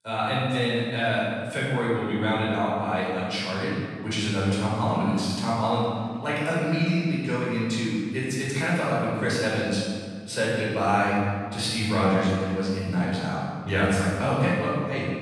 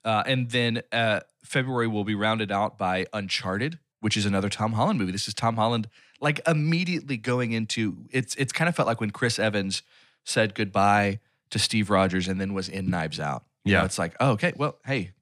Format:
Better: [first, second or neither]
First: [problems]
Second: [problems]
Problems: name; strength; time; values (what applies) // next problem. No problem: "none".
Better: second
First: off-mic speech; far // room echo; strong; dies away in 1.6 s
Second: none